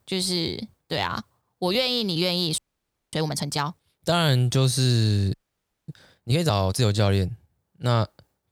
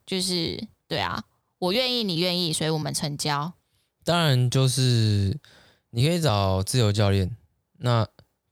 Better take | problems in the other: second | audio freezing; at 2.5 s for 0.5 s and at 5.5 s for 0.5 s

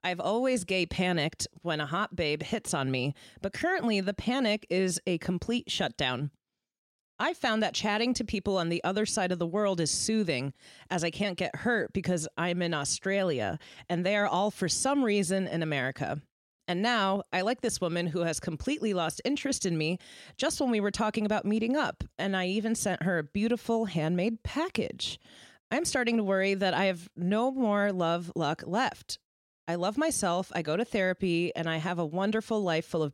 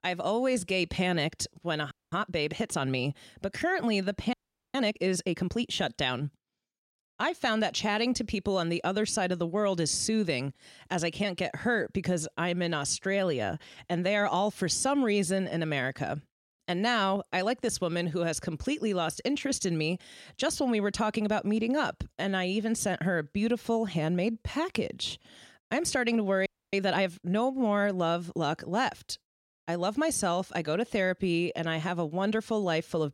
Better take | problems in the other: first | audio freezing; at 2 s, at 4.5 s and at 26 s

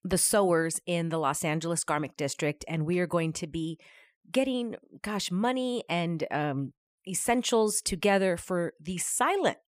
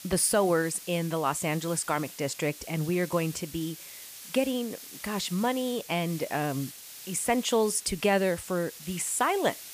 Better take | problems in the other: first | hiss; noticeable; throughout; 15 dB below the speech

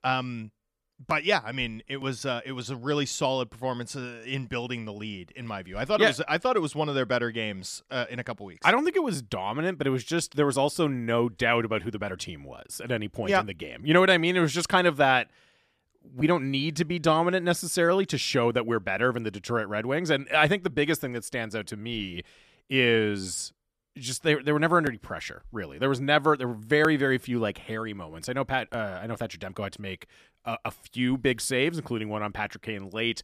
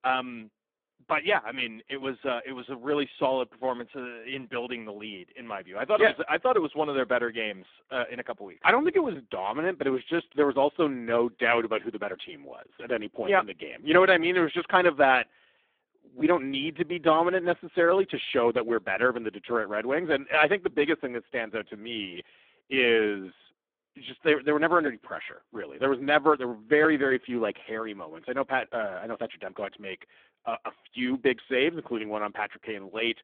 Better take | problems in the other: first | phone-call audio; poor line

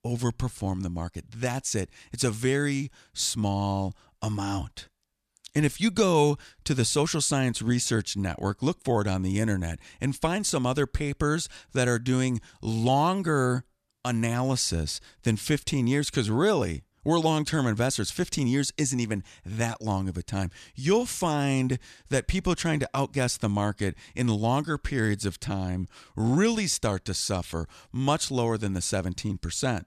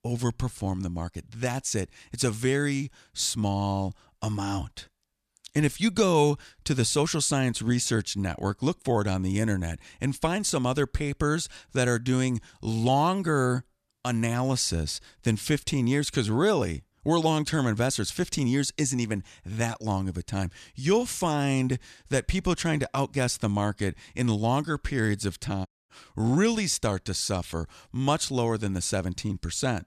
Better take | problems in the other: first | audio cutting out; at 26 s

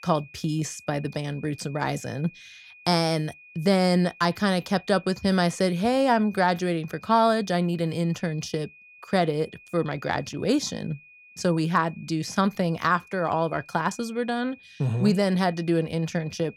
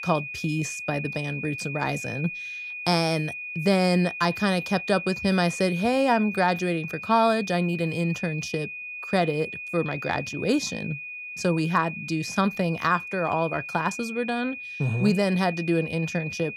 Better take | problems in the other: first | high-pitched whine; loud; throughout; 2.5 kHz, 8 dB below the speech; faint in the first

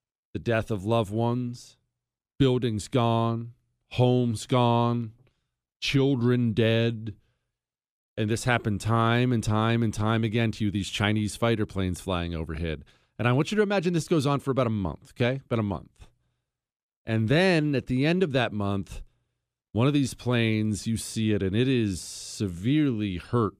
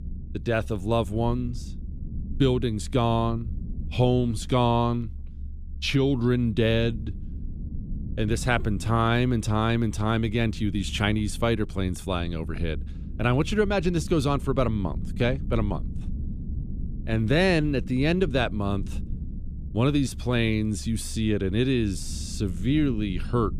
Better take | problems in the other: first | low rumble; faint; throughout; 20 dB below the speech

